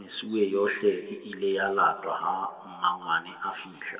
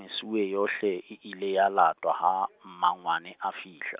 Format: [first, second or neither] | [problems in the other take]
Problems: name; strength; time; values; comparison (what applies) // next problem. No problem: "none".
second | room echo; dies away in 1.8 s